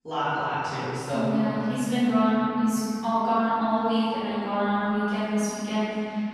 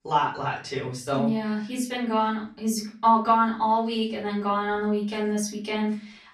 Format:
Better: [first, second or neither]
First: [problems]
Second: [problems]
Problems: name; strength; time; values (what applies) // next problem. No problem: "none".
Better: second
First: room echo; strong; dies away in 3 s // off-mic speech; far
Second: room echo; slight; dies away in 0.3 s // off-mic speech; far